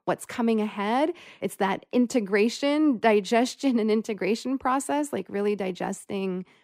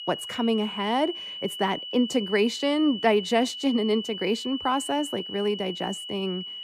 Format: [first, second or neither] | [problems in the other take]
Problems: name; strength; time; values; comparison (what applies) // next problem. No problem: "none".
first | high-pitched whine; loud; throughout; 3 kHz, 8 dB below the speech